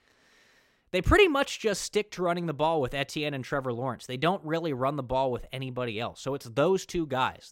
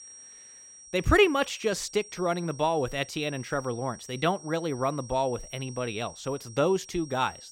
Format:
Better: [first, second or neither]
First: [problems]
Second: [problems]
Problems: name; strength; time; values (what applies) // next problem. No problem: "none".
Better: first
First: none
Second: high-pitched whine; noticeable; throughout; 5.5 kHz, 15 dB below the speech